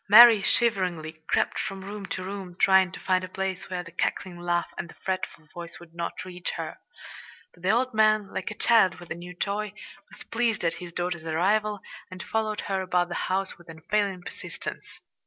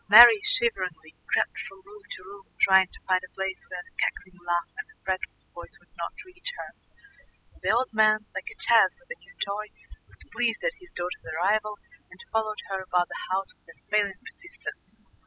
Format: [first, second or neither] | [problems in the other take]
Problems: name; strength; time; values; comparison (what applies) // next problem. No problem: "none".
first | noise reduction (classical method spectral subtraction)